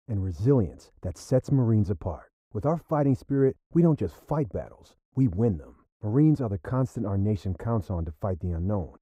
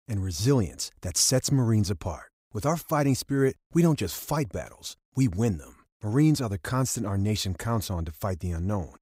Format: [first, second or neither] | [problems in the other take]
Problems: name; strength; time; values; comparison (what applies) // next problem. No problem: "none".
second | muffled; very; fading above 2 kHz